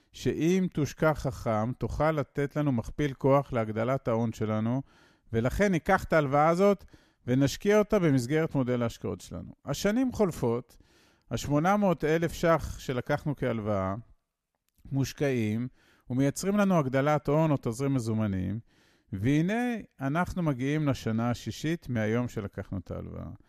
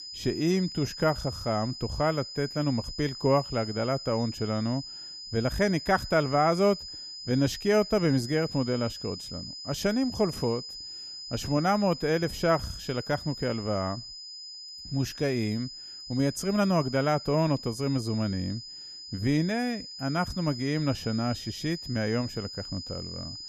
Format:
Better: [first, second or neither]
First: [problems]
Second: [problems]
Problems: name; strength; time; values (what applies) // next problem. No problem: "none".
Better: first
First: none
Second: high-pitched whine; loud; throughout; 5 kHz, 10 dB below the speech